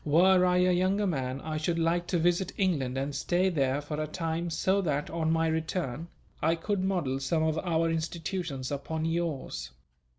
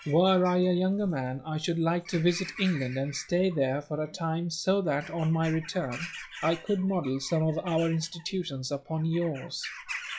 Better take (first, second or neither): first